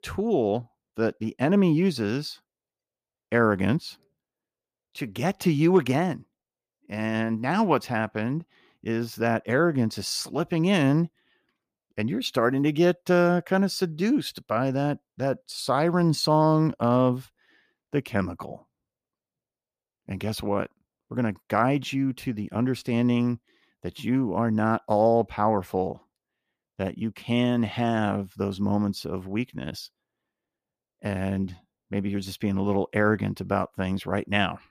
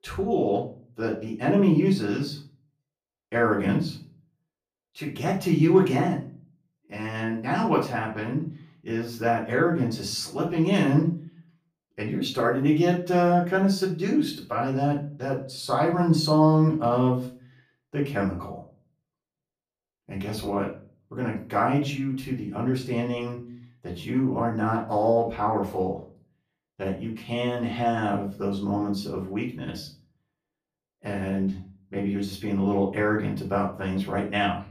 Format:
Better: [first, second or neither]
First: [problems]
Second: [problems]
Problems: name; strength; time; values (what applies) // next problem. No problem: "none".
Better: first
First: none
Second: off-mic speech; far // room echo; slight; dies away in 0.3 s